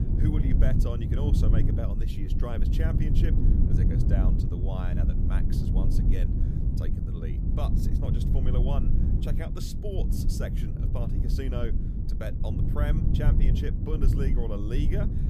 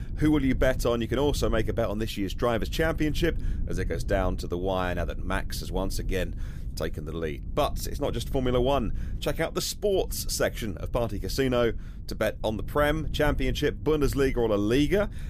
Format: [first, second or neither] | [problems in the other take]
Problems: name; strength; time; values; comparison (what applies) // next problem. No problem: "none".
second | low rumble; loud; throughout; as loud as the speech; faint in the second